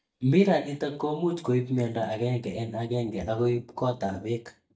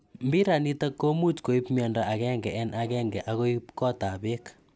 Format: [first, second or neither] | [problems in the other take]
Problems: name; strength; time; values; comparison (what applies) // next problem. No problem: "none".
second | noise reduction (neural mask model DeepFilterNet 3)